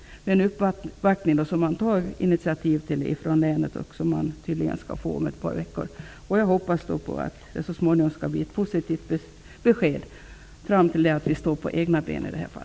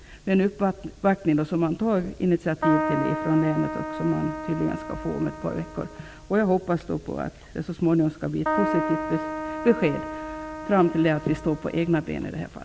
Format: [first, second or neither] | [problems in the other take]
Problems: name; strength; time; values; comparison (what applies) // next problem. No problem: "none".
first | background sound (Keyboard (musical)); 6 dB below the speech